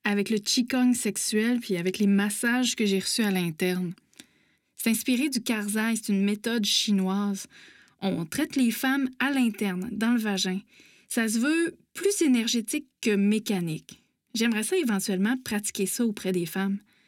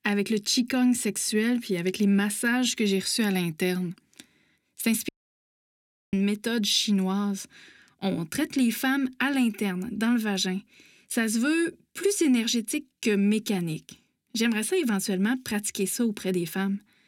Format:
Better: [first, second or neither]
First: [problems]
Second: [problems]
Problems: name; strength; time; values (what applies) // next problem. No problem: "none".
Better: first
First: none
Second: audio cutting out; at 5 s for 1 s